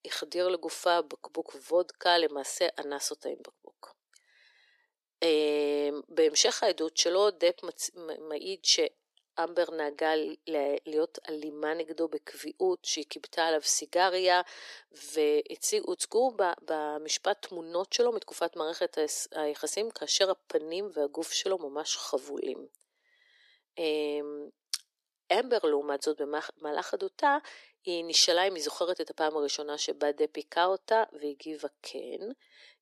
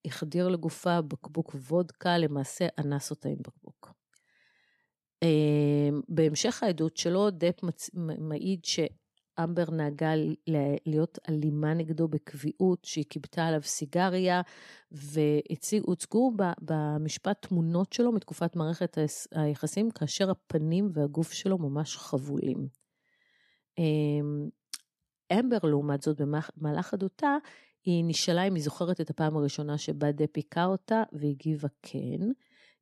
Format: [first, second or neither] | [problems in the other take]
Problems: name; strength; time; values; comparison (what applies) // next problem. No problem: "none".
second | thin; very; fading below 400 Hz